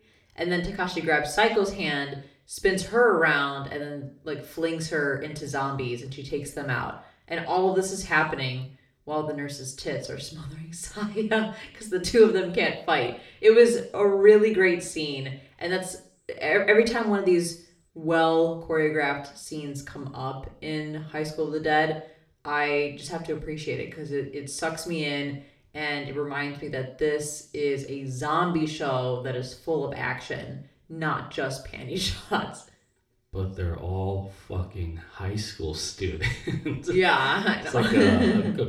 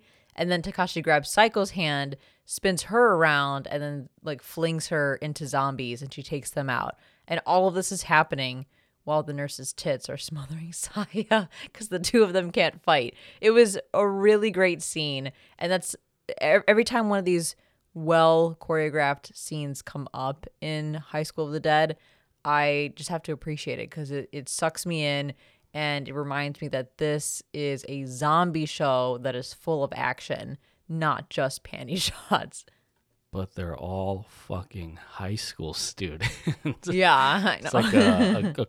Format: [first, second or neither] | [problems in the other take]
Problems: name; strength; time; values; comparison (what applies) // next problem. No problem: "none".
second | room echo; slight; dies away in 0.5 s // off-mic speech; somewhat distant